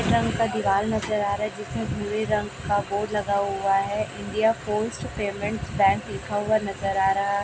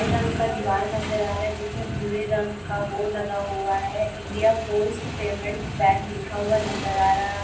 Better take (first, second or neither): first